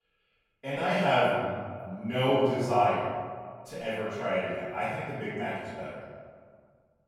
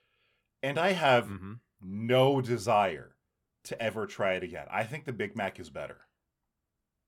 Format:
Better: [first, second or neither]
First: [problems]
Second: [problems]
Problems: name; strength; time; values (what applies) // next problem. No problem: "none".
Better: second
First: off-mic speech; far // room echo; strong; dies away in 1.5 s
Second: none